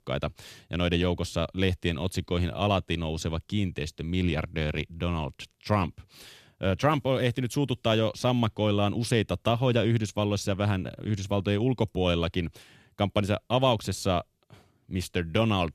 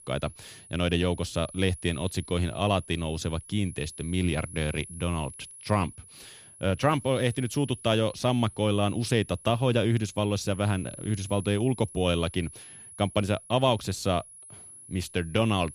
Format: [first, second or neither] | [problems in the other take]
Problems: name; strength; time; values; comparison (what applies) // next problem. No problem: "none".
first | high-pitched whine; noticeable; throughout; 10.5 kHz, 15 dB below the speech